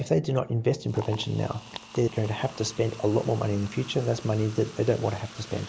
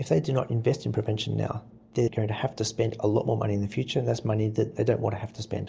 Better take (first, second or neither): second